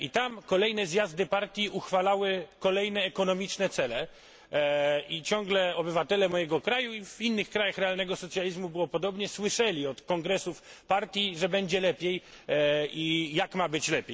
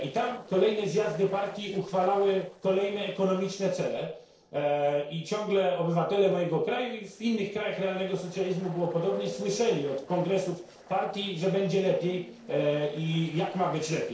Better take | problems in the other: first | noise reduction (neural separator model SepFormer DNS4)

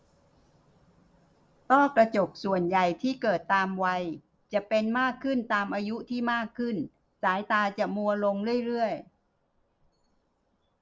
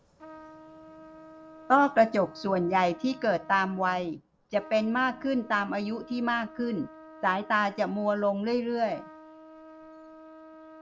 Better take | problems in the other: first | background sound (Trumpet); 20 dB below the speech

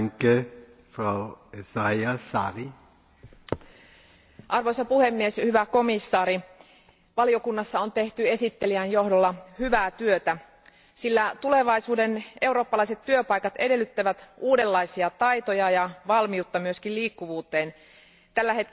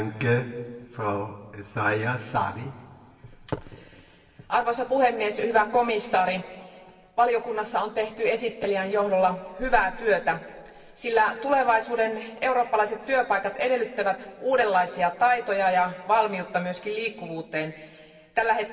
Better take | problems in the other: first | room echo; dies away in 1.9 s

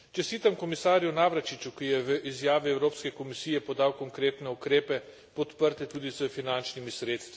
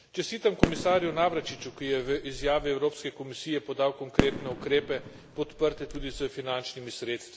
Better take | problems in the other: first | background sound (Fireworks); 3 dB below the speech

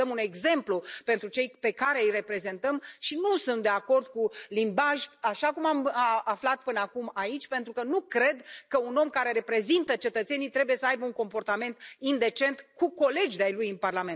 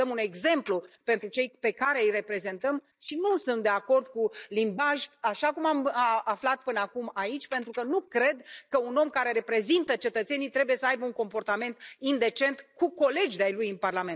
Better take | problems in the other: first | noise reduction (neural mask model DeepFilterNet 3)

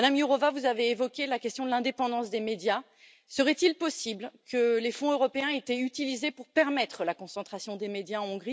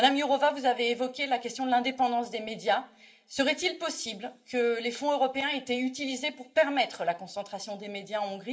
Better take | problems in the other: first | room echo; dies away in 0.4 s

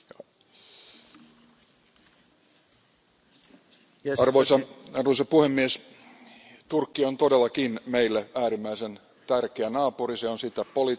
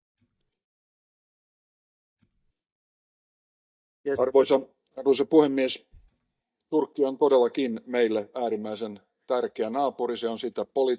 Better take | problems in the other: first | noise reduction (neural mask model DeepFilterNet 3)

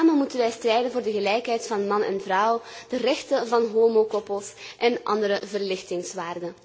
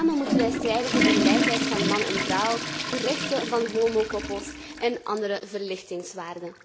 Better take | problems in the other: first | background sound (Toilet flush / Water); as loud as the speech

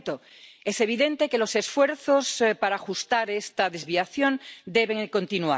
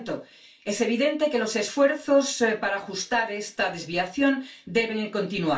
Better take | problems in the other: first | room echo; dies away in 0.2 s

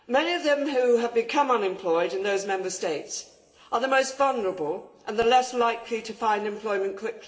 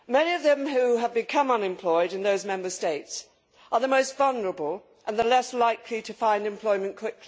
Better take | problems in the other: second | room echo; dies away in 2.2 s

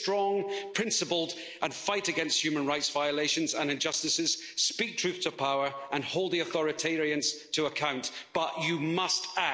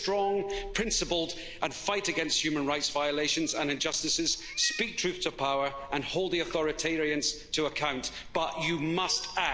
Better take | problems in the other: first | background sound (Cat); 16 dB below the speech

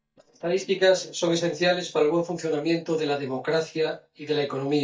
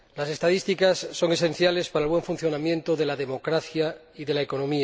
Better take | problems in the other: second | noise reduction (neural mask model DeepFilterNet 3)

